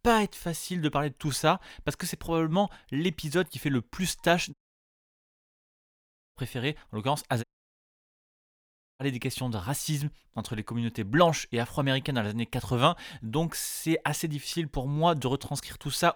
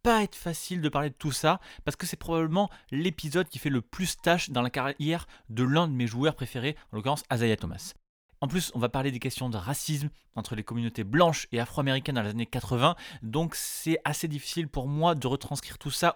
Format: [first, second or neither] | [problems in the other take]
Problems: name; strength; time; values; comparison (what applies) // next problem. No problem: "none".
second | audio cutting out; at 4.5 s for 2 s and at 7.5 s for 1.5 s